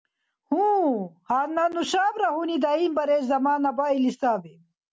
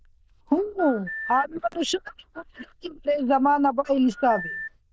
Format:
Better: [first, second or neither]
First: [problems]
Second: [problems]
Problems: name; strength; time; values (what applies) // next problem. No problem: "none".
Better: first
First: none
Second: noise reduction (neural diffusion model UNIVERSE++)